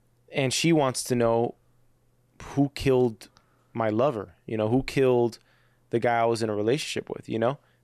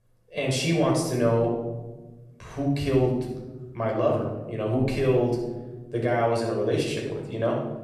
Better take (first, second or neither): first